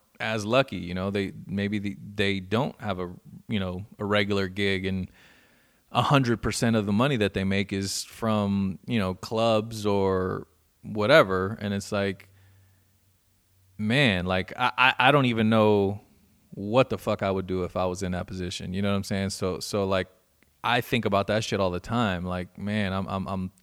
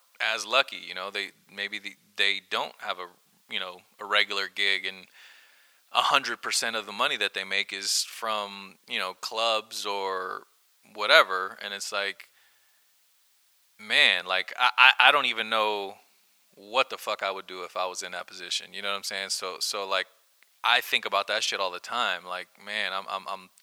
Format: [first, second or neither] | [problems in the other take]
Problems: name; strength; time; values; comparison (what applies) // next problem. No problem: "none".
first | thin; very; fading below 950 Hz